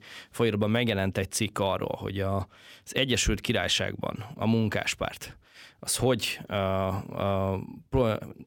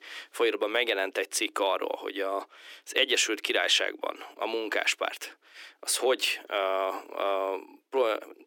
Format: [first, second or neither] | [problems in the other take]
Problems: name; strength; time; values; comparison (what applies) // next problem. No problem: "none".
first | thin; very; fading below 300 Hz